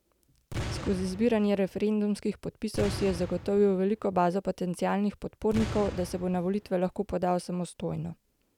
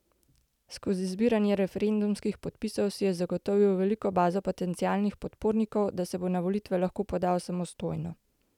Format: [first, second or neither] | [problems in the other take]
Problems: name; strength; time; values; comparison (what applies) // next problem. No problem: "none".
second | background sound (Boom); 10 dB below the speech